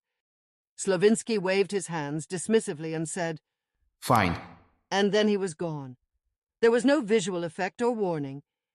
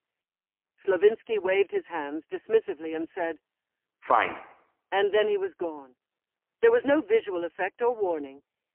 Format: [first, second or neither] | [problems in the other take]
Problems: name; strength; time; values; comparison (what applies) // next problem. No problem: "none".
first | phone-call audio; poor line; nothing above 3 kHz